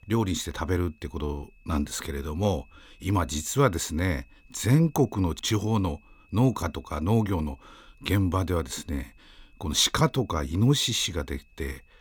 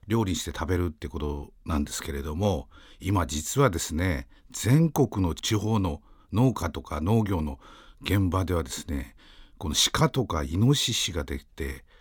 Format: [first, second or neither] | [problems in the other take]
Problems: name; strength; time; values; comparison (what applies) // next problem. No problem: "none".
second | high-pitched whine; faint; throughout; 2.5 kHz, 35 dB below the speech